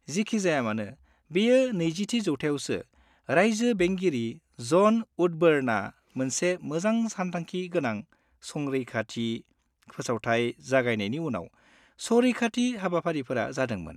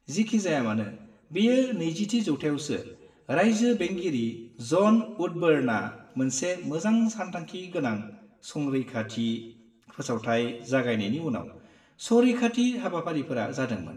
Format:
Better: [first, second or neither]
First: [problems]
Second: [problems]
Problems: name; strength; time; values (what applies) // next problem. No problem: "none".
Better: first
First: none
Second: room echo; dies away in 0.7 s